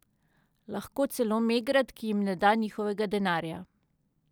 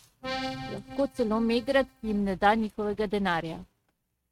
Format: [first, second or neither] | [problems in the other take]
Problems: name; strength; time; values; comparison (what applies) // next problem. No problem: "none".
first | noise reduction (neural mask model RNNoise)